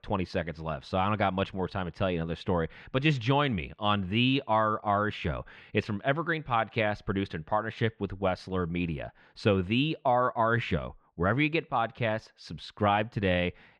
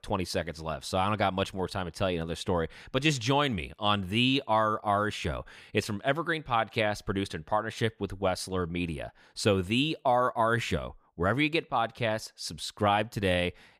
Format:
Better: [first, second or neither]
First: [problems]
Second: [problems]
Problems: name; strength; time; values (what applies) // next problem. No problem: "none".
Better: second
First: muffled; slightly; fading above 2.5 kHz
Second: none